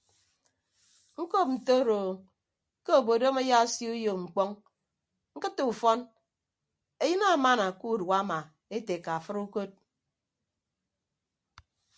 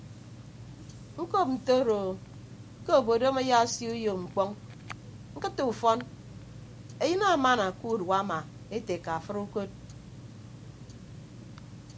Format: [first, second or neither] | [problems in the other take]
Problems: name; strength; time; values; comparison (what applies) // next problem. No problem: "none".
first | background sound (Tick-tock); 15 dB below the speech